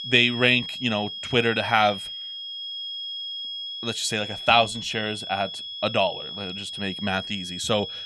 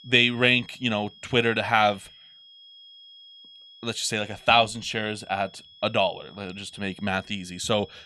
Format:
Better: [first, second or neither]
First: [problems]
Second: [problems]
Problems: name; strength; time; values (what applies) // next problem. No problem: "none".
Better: second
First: high-pitched whine; loud; throughout; 3.5 kHz, 8 dB below the speech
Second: high-pitched whine; faint; throughout; 3.5 kHz, 25 dB below the speech